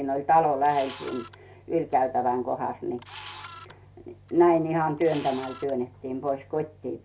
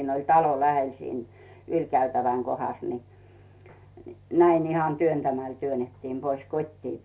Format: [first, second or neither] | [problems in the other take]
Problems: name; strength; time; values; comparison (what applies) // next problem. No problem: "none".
second | background sound (Camera); 20 dB below the speech